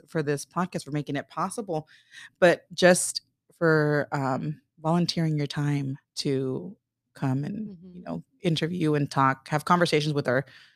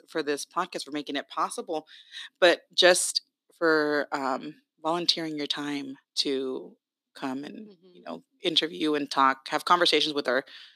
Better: first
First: none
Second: thin; somewhat; fading below 300 Hz

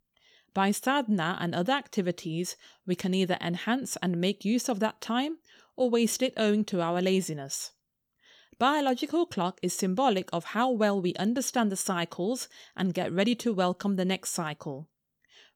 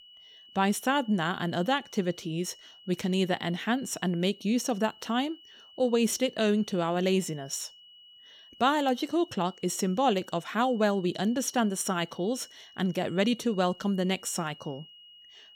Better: first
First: none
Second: high-pitched whine; faint; throughout; 3 kHz, 20 dB below the speech

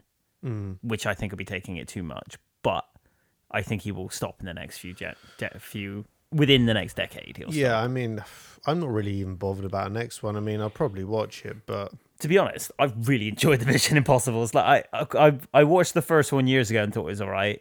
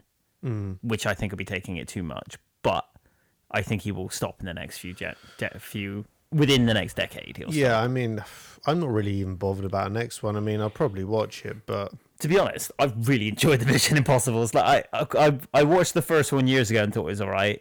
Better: first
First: none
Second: distortion; slight; 3% of the sound clipped

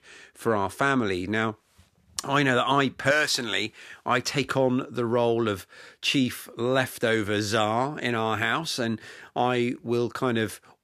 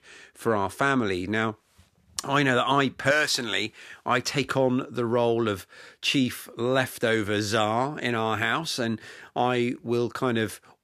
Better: neither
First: none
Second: none

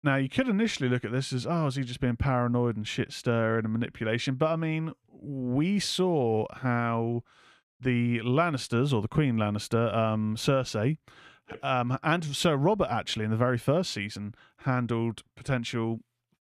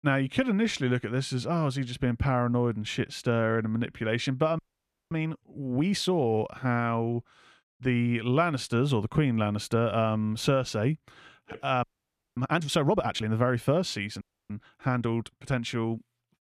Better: first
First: none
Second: audio freezing; at 4.5 s for 0.5 s, at 12 s for 0.5 s and at 14 s

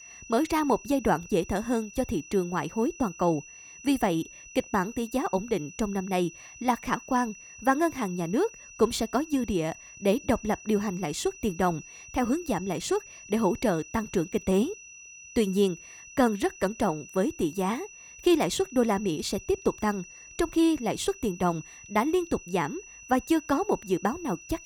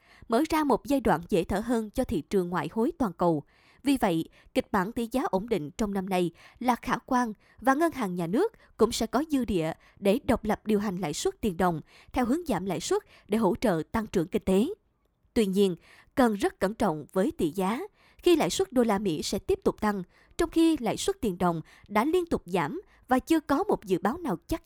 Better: second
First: high-pitched whine; noticeable; throughout; 6 kHz, 15 dB below the speech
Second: none

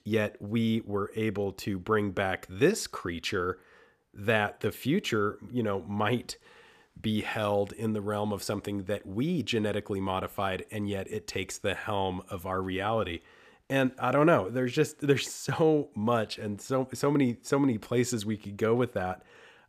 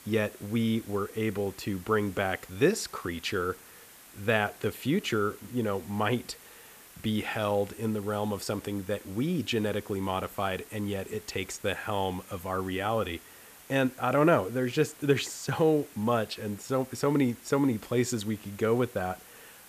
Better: first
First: none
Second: hiss; noticeable; throughout; 20 dB below the speech

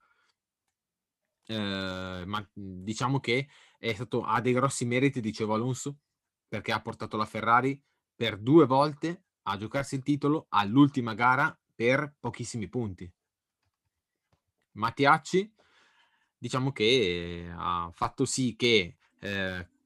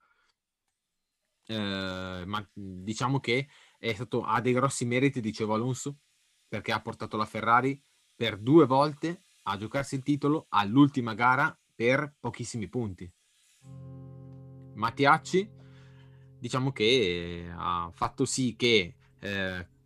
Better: first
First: none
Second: background music; faint; throughout; 25 dB below the speech

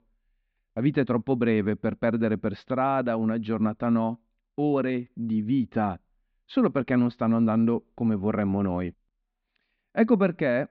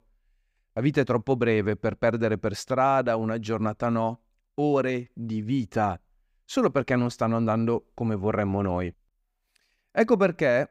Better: second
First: muffled; slightly; fading above 4 kHz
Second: none

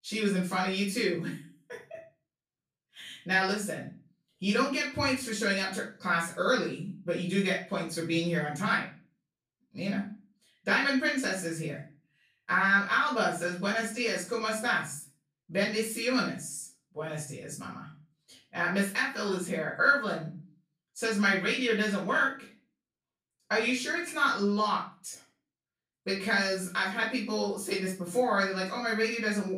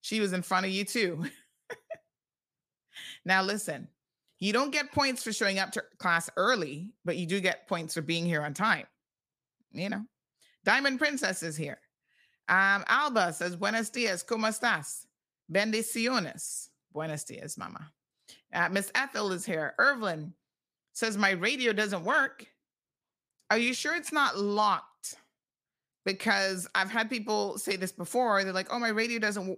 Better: second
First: off-mic speech; far // room echo; slight; dies away in 0.3 s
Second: none

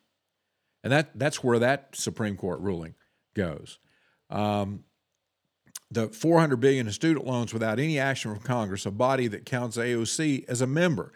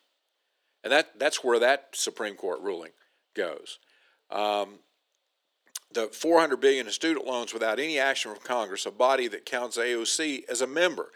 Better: first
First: none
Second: thin; very; fading below 350 Hz

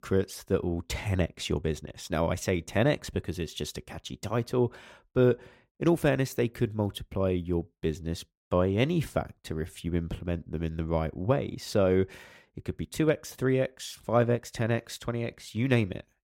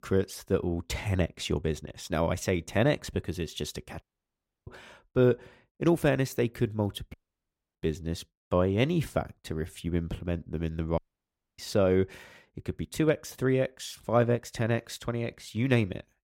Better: first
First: none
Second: audio cutting out; at 4 s for 0.5 s, at 7 s for 0.5 s and at 11 s for 0.5 s

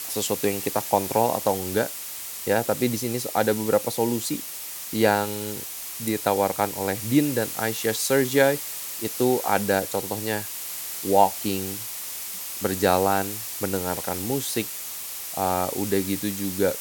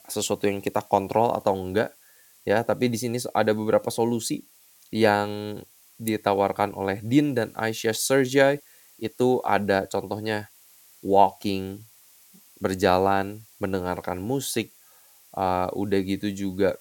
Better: second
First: hiss; loud; throughout; 6 dB below the speech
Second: hiss; faint; throughout; 25 dB below the speech

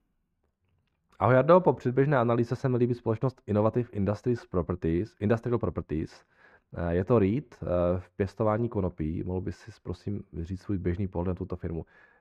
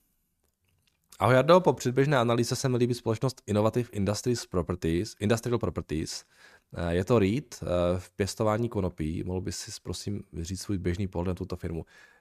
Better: second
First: muffled; very; fading above 3.5 kHz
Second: none

